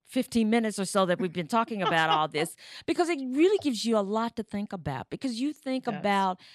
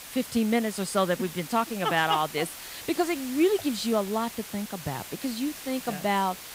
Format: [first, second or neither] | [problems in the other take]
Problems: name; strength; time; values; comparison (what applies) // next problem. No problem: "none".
first | hiss; noticeable; throughout; 10 dB below the speech